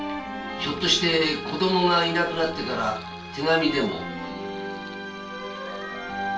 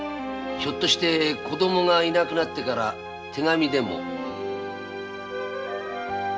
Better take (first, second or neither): second